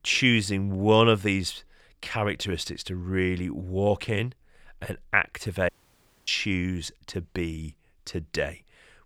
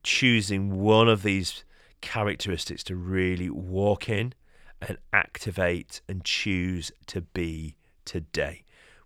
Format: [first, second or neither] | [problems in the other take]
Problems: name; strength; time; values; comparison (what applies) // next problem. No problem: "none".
second | audio cutting out; at 5.5 s for 0.5 s